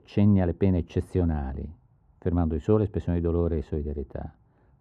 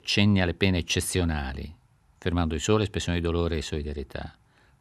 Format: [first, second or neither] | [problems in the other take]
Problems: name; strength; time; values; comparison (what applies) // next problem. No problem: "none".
second | muffled; very; fading above 1.5 kHz